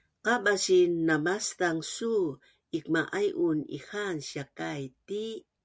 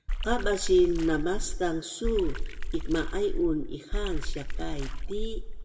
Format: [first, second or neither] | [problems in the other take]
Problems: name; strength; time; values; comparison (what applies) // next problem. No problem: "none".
first | background sound (Water / Splash, splatter); as loud as the speech // room echo; dies away in 0.9 s